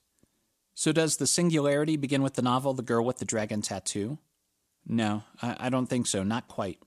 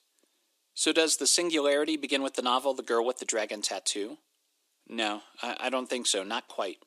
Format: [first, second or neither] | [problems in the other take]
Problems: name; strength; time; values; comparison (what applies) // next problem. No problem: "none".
first | thin; somewhat; fading below 300 Hz